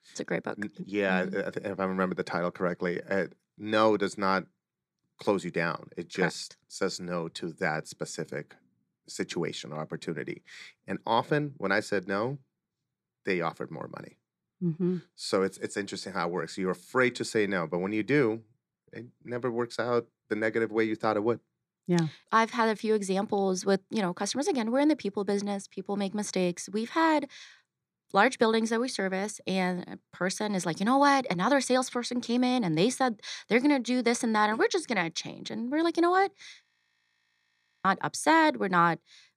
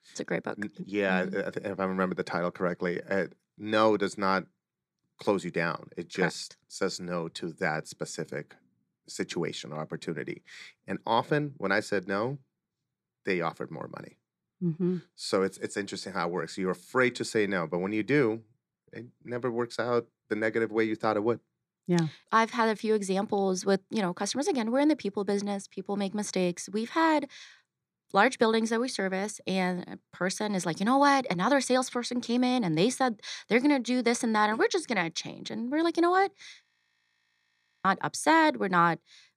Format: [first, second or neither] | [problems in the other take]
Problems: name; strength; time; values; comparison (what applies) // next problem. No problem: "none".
neither | audio freezing; at 37 s for 1 s; the same in both